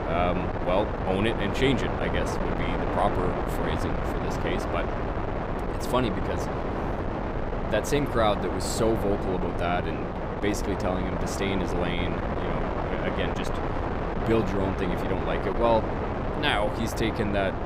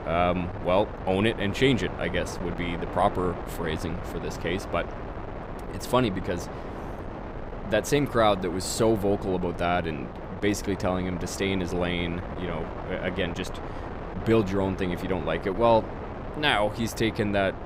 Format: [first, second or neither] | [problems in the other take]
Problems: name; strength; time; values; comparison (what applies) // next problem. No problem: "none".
second | wind noise on the microphone; heavy; 2 dB below the speech; occasional gusts in the second